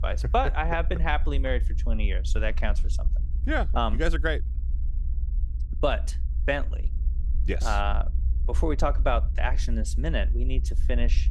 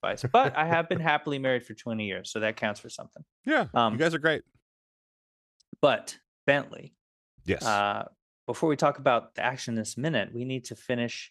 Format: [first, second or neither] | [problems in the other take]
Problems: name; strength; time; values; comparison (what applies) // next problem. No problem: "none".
second | low rumble; faint; throughout; 20 dB below the speech